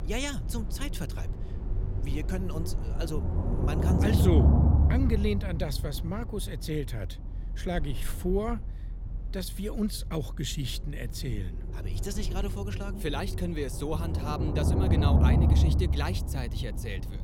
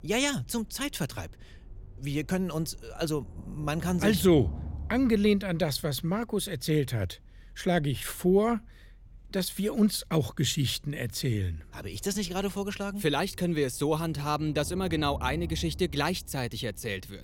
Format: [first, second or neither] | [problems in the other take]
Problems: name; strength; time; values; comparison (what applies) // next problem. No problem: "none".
second | low rumble; loud; throughout; 3 dB below the speech; faint in the second